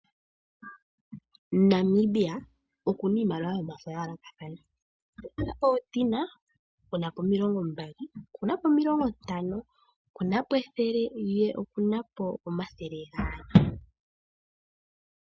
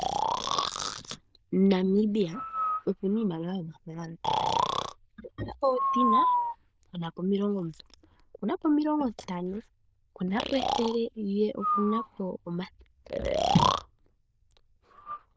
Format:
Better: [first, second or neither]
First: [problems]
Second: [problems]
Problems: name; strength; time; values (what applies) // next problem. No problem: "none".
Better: first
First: none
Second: noise reduction (neural diffusion model UNIVERSE++)